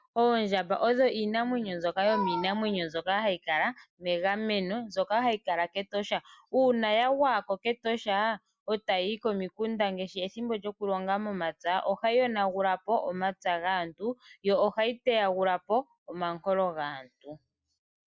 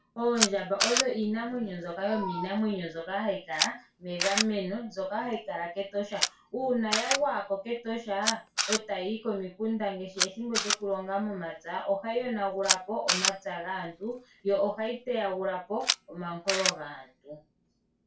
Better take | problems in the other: first | background sound (Camera); 3 dB below the speech // room echo; dies away in 0.2 s

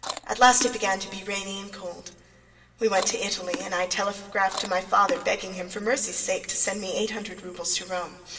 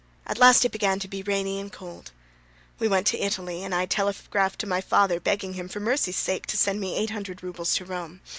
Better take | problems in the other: second | background sound (Chewing, mastication); 12 dB below the speech // room echo; dies away in 1.9 s

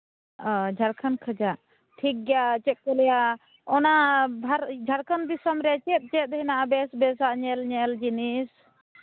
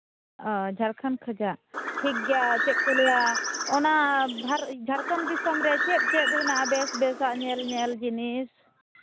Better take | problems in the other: first | background sound (Bird); 1 dB below the speech

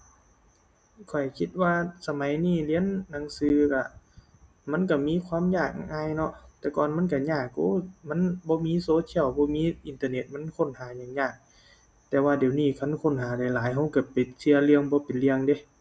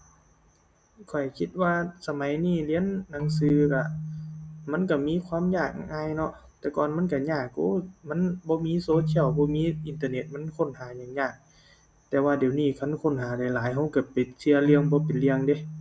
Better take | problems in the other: first | background sound (Keyboard (musical)); 8 dB below the speech

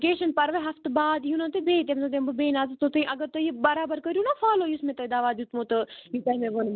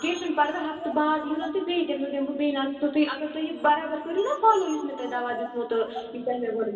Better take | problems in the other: first | background sound (Dog); 18 dB below the speech // room echo; dies away in 2.4 s

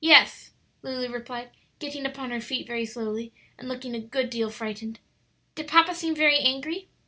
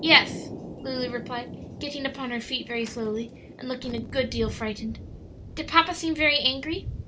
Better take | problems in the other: first | background sound (Thunder); 11 dB below the speech

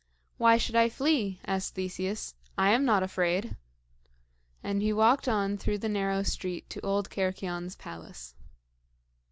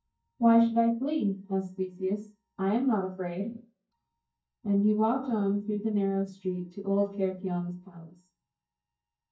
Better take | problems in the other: first | noise reduction (neural mask model DeepFilterNet 3)

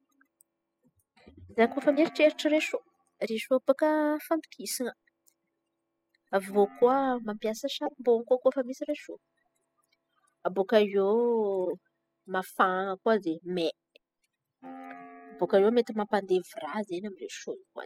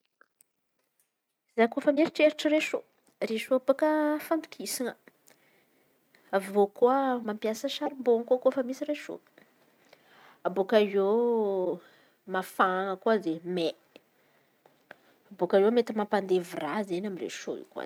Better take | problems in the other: second | noise reduction (classical method spectral subtraction)

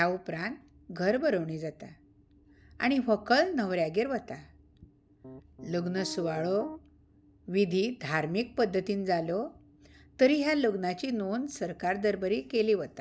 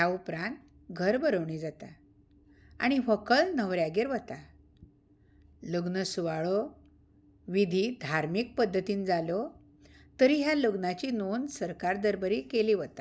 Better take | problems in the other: second | background sound (Piano); 14 dB below the speech

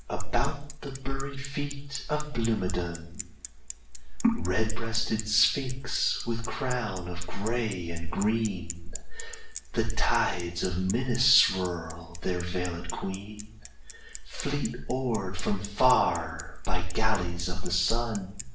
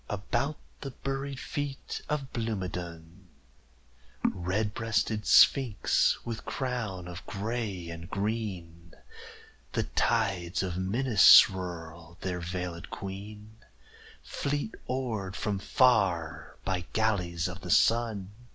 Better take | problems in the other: second | background sound (Bicycle); 20 dB below the speech // room echo; dies away in 0.5 s

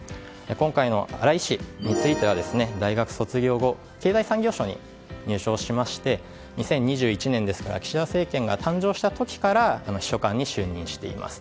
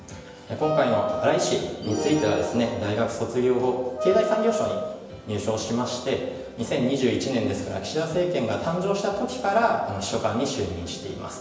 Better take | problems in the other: first | background sound (Wind instrument, woodwind instrument); 5 dB below the speech // room echo; dies away in 1 s

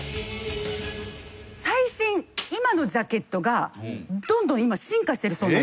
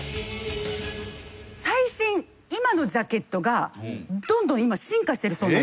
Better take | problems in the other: second | background sound (Snare drum); 16 dB below the speech

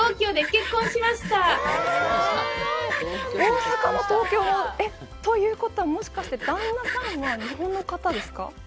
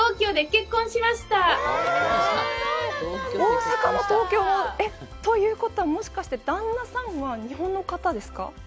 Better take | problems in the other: second | background sound (Sawing); 11 dB below the speech

